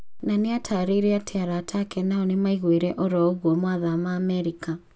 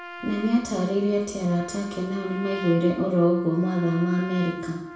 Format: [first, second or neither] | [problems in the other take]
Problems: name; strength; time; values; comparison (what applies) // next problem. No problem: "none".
first | background sound (Trumpet); 15 dB below the speech // room echo; dies away in 0.6 s